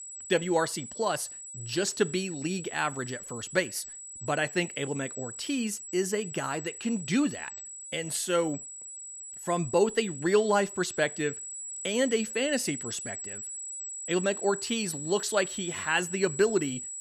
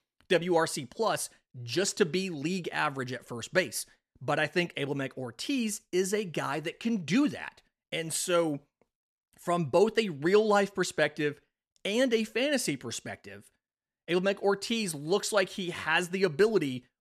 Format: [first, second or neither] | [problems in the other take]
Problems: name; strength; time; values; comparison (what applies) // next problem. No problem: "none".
second | high-pitched whine; loud; throughout; 8 kHz, 9 dB below the speech